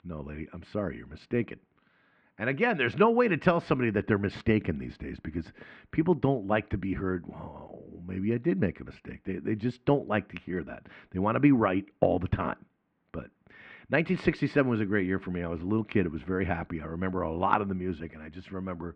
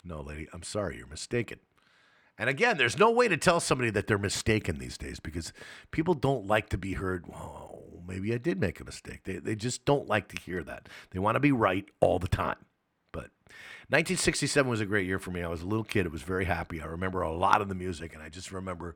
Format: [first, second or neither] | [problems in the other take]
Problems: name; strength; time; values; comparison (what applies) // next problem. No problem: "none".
second | muffled; very; fading above 3 kHz